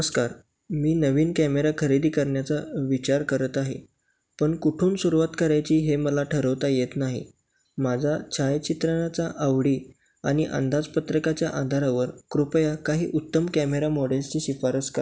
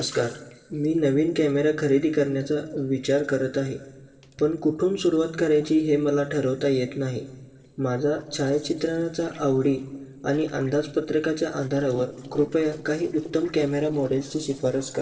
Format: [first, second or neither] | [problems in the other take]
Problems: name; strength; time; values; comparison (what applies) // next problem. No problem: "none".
first | noise reduction (neural separator model SepFormer DNS4)